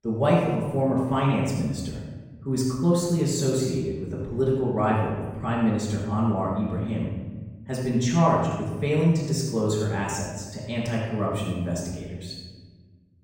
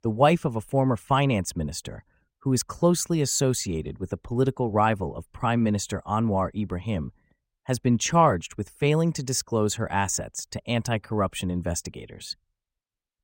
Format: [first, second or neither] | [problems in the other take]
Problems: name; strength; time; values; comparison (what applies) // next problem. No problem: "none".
second | off-mic speech; far // room echo; noticeable; dies away in 1.3 s